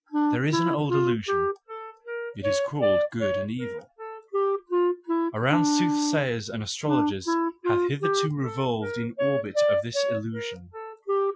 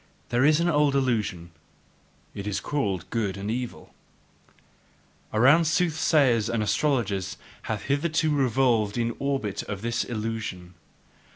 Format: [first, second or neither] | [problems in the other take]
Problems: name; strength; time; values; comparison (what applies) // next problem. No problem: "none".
second | noise reduction (classical method Wiener filter)